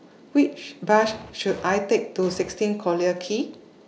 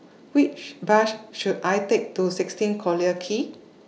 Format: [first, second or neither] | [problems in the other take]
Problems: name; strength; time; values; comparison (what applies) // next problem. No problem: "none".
second | background sound (Explosion); 18 dB below the speech